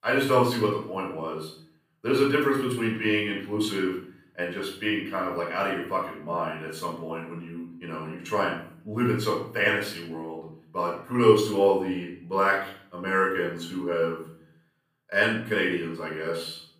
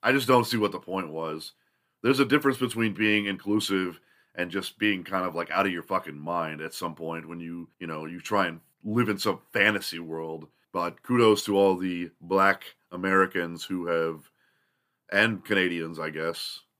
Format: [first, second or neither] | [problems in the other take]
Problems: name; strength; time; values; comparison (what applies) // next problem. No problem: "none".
second | off-mic speech; far // room echo; noticeable; dies away in 0.5 s